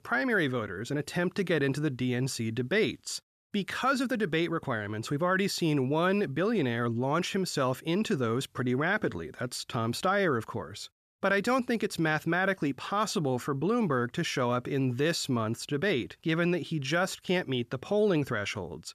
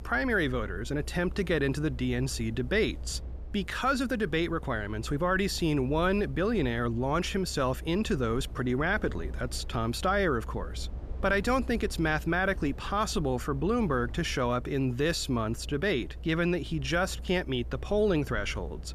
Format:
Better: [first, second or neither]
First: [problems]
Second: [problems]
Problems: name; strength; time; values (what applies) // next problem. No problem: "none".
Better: first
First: none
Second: low rumble; faint; throughout; 25 dB below the speech